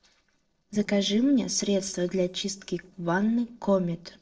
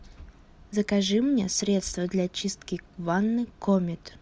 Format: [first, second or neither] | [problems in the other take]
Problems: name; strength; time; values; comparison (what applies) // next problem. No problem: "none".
second | noise reduction (neural separator model SepFormer DNS4)